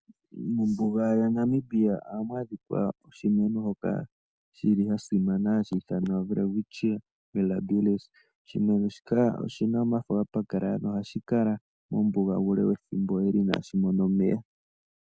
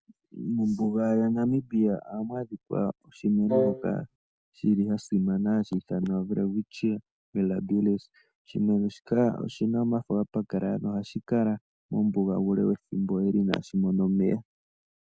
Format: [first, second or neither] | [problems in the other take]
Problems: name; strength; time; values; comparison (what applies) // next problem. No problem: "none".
first | background sound (Wind instrument, woodwind instrument); 1 dB below the speech